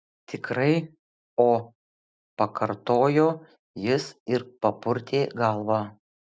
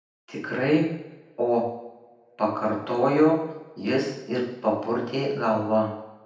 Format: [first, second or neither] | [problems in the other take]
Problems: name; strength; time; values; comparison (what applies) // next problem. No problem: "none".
first | room echo; dies away in 0.9 s